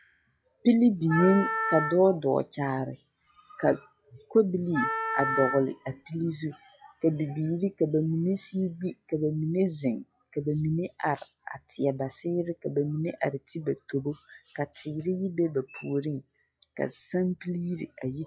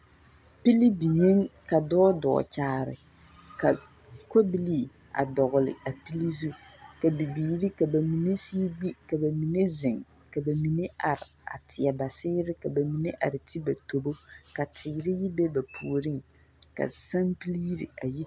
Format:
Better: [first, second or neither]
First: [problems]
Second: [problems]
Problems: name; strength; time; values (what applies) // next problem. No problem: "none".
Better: second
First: noise reduction (classical method log-MMSE)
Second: none